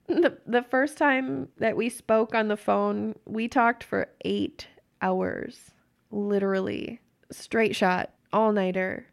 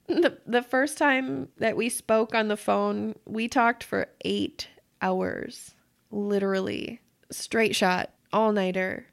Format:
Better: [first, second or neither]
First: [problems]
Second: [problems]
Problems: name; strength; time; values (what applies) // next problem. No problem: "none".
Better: second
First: muffled; very slightly; fading above 3 kHz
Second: none